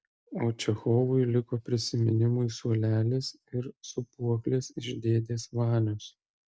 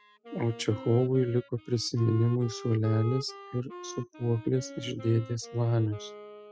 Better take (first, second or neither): first